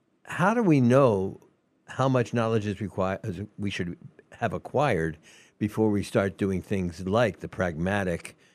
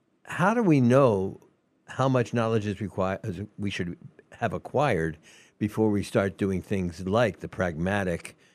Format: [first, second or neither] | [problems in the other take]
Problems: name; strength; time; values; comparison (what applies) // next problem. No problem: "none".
neither | none